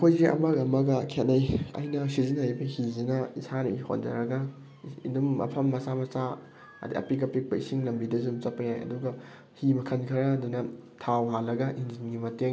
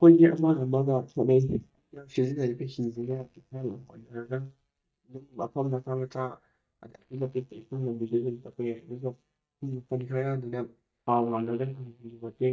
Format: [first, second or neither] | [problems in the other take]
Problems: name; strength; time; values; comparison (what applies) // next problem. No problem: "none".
first | noise reduction (neural mask model DeepFilterNet 3)